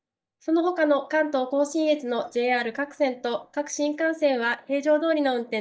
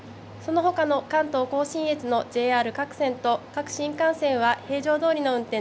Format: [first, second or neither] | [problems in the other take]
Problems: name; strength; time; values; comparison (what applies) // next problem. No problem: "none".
second | noise reduction (neural mask model DeepFilterNet 3)